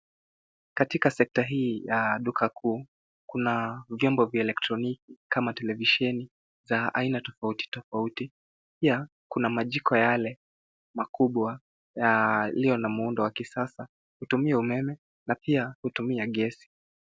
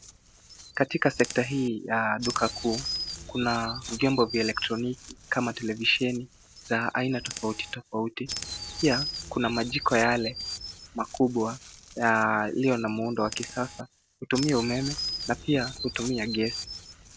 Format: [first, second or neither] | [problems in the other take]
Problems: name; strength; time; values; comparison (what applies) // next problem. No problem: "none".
first | background sound (Chirp, tweet); 10 dB below the speech